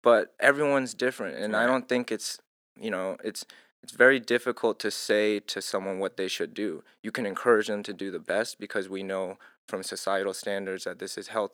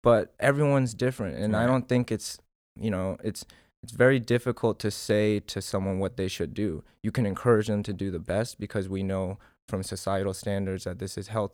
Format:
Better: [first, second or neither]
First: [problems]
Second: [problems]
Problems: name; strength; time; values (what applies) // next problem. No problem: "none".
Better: second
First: thin; somewhat; fading below 250 Hz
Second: none